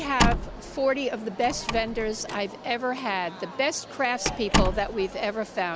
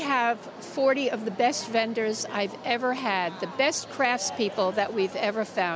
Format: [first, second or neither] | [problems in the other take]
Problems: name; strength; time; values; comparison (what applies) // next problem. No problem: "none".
second | background sound (Slam); 3 dB below the speech